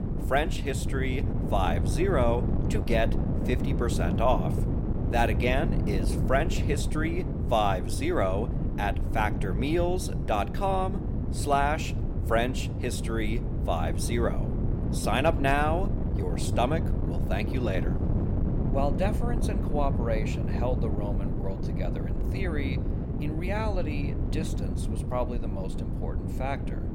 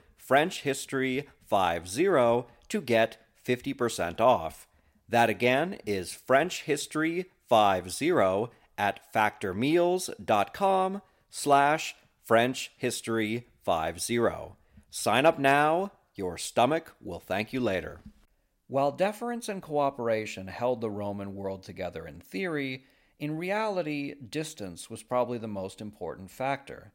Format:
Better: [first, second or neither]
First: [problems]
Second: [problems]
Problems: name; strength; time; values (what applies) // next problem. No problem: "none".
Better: second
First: wind noise on the microphone; heavy; 9 dB below the speech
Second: none